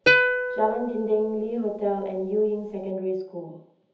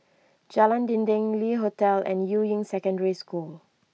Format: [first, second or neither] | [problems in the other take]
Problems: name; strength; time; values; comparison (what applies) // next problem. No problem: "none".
second | background sound (Plucked string instrument); 1 dB above the speech // room echo; dies away in 0.7 s